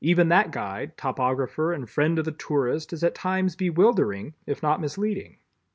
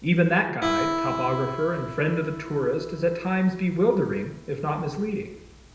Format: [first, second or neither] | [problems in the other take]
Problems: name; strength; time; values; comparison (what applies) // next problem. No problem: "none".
first | background sound (Guitar); 8 dB below the speech // room echo; dies away in 0.9 s